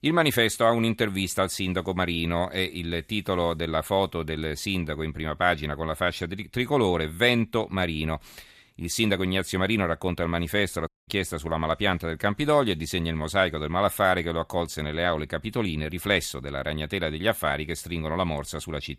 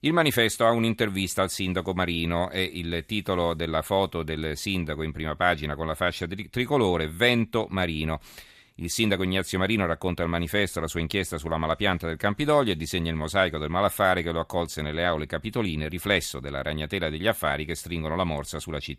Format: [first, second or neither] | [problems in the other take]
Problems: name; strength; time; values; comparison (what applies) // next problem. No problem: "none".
second | audio cutting out; at 11 s